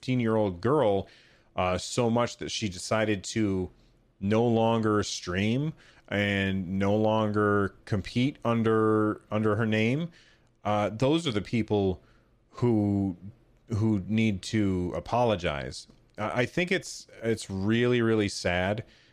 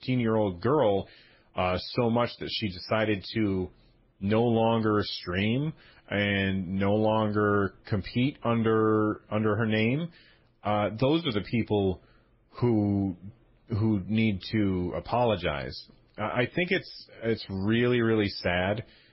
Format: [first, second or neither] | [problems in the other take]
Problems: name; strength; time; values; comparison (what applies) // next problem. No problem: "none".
first | garbled, watery; badly; nothing above 5.5 kHz